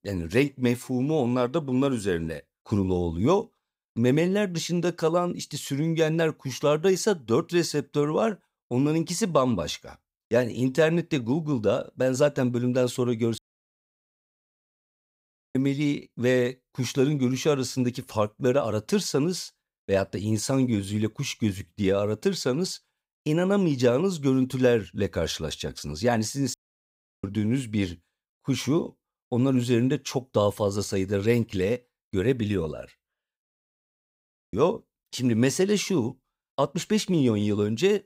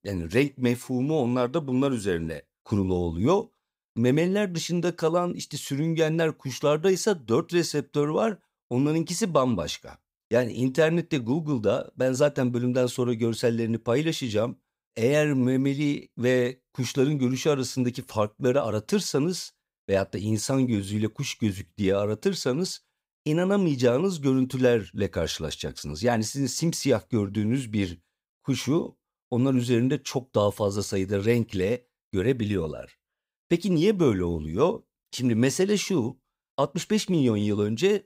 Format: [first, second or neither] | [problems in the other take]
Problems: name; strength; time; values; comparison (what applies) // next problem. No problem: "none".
second | audio cutting out; at 13 s for 2 s, at 27 s for 0.5 s and at 33 s for 1 s